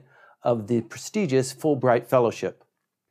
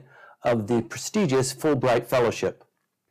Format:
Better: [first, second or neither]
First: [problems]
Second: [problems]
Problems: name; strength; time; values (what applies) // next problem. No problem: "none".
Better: first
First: none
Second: distortion; heavy; 10% of the sound clipped